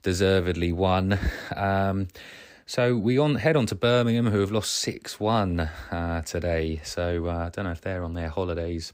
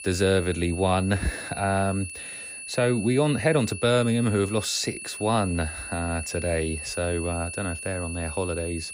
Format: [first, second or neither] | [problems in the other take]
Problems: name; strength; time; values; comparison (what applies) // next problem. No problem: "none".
first | high-pitched whine; loud; throughout; 2.5 kHz, 9 dB below the speech